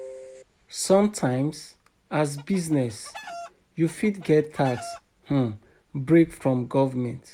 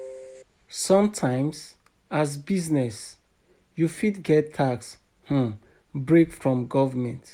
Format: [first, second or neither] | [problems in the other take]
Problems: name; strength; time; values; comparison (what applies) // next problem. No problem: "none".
second | background sound (Chicken, rooster); 18 dB below the speech